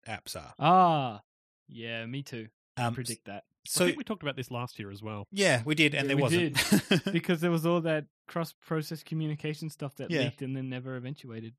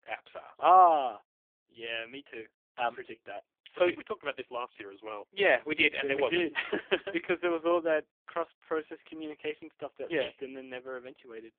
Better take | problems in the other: first | phone-call audio; poor line; nothing above 3.5 kHz

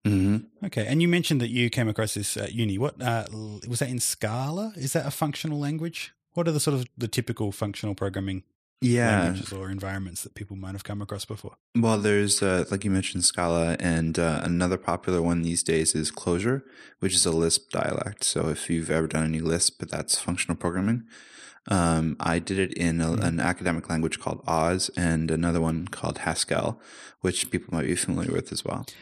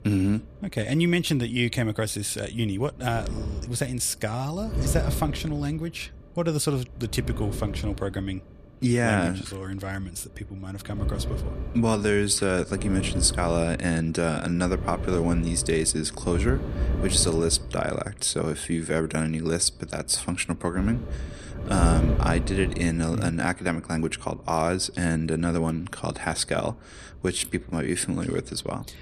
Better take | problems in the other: first | wind noise on the microphone; occasional gusts; 10 dB below the speech

